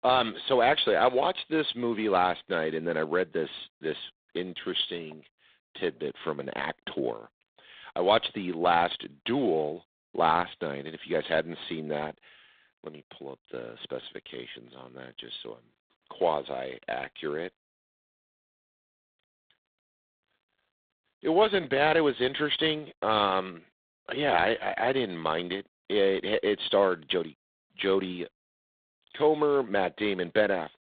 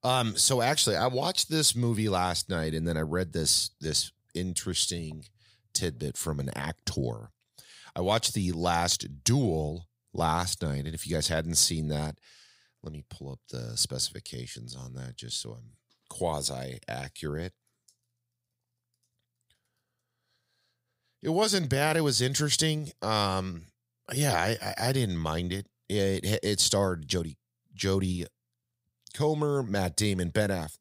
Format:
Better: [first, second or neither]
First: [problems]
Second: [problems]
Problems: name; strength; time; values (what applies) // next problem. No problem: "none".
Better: second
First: phone-call audio; poor line; nothing above 3.5 kHz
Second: none